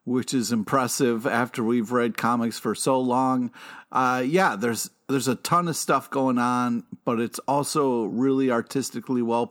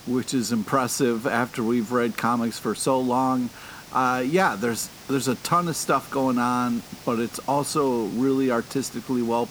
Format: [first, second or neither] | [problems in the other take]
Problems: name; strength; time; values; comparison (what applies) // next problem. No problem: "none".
first | hiss; noticeable; throughout; 20 dB below the speech